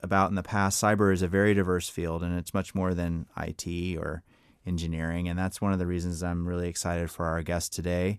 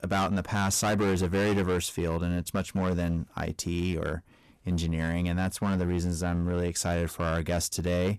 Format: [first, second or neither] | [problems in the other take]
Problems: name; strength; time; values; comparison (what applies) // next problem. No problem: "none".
first | distortion; heavy; 14% of the sound clipped